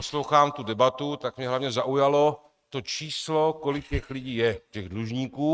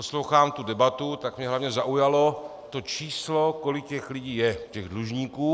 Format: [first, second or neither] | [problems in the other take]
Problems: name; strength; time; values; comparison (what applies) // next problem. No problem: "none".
second | noise reduction (neural mask model RNNoise)